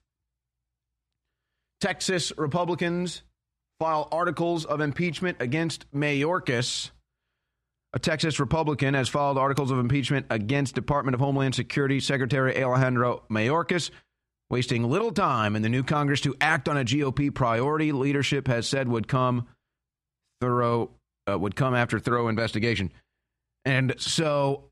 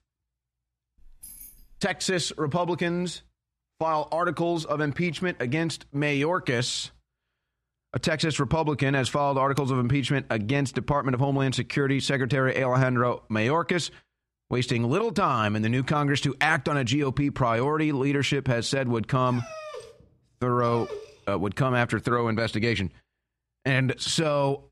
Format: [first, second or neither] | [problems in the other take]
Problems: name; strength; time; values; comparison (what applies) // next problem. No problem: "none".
first | jangling keys; faint; at 1 s; peak 15 dB below the speech // dog barking; faint; from 19 to 21 s; peak 15 dB below the speech